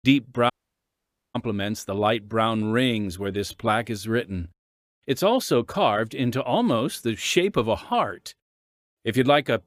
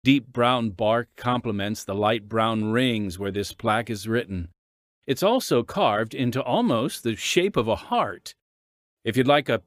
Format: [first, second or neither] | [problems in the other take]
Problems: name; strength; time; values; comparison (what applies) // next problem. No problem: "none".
second | audio cutting out; at 0.5 s for 1 s